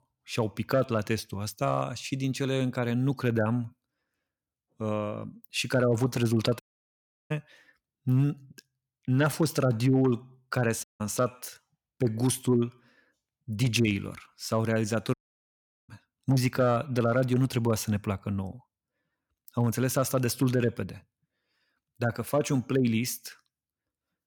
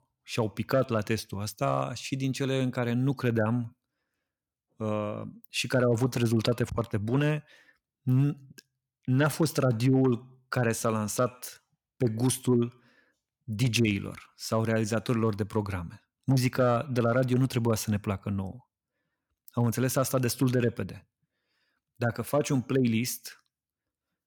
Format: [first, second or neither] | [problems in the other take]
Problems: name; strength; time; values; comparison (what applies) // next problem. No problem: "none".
second | audio cutting out; at 6.5 s for 0.5 s, at 11 s and at 15 s for 0.5 s